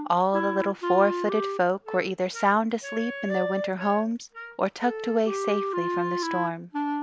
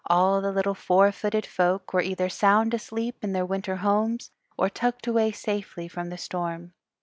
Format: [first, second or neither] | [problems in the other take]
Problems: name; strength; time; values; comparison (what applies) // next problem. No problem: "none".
second | background sound (Wind instrument, woodwind instrument); 5 dB below the speech